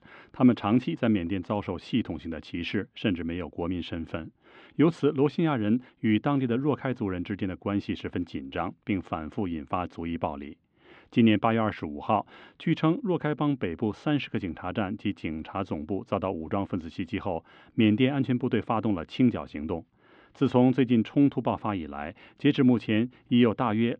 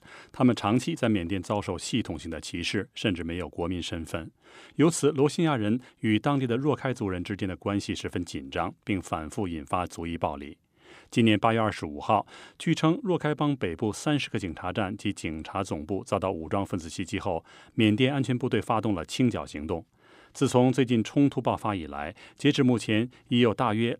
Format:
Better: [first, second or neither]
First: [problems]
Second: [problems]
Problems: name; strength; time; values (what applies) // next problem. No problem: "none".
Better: second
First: muffled; slightly; fading above 3 kHz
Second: none